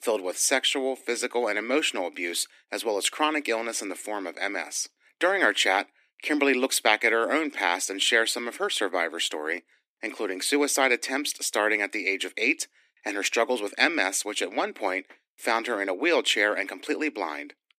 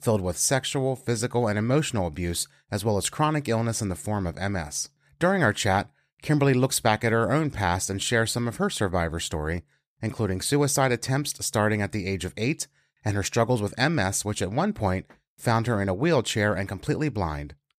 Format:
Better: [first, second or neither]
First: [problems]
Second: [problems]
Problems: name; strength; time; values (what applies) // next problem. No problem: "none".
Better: second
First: thin; somewhat; fading below 250 Hz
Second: none